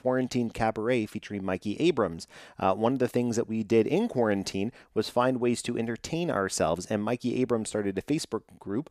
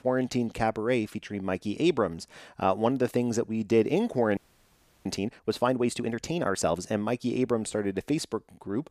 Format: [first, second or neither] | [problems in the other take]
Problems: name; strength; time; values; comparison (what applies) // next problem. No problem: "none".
first | audio freezing; at 4.5 s for 0.5 s